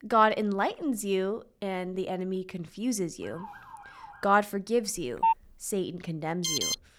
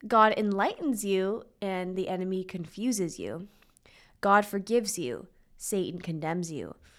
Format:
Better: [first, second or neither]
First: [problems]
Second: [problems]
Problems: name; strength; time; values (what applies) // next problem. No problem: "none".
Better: second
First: siren; faint; from 3 to 4.5 s; peak 15 dB below the speech // phone ringing; loud; at 5 s; peak 3 dB above the speech // alarm; loud; at 6.5 s; peak 2 dB above the speech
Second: none